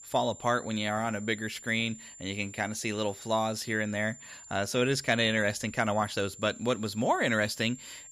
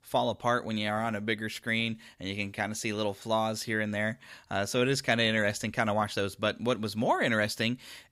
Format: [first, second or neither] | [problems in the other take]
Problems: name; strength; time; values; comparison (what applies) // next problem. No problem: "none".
second | high-pitched whine; noticeable; throughout; 7 kHz, 15 dB below the speech